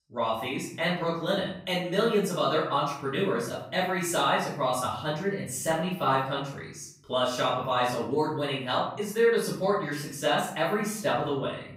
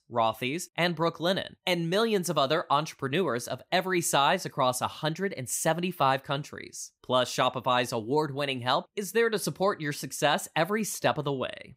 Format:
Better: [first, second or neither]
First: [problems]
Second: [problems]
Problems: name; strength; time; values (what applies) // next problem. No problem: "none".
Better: second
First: off-mic speech; far // room echo; noticeable; dies away in 0.6 s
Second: none